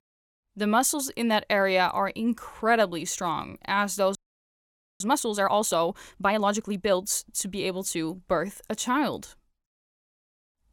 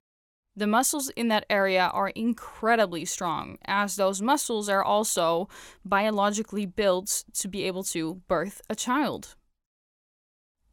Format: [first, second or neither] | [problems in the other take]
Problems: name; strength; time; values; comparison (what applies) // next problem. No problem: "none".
second | audio freezing; at 4 s for 1 s